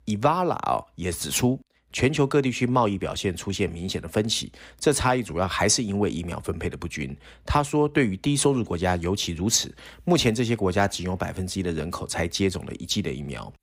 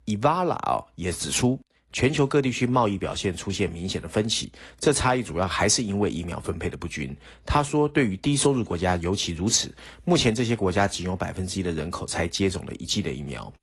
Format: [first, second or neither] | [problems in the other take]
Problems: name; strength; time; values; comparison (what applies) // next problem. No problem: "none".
first | garbled, watery; slightly; nothing above 11 kHz